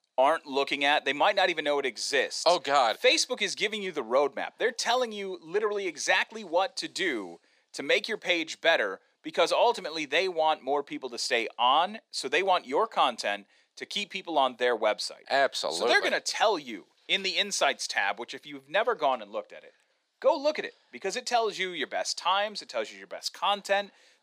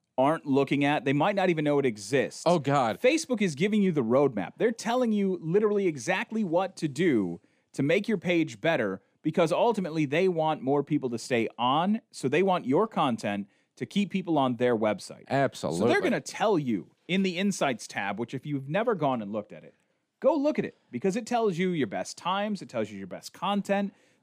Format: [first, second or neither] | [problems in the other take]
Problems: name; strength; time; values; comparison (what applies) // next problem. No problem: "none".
second | thin; very; fading below 650 Hz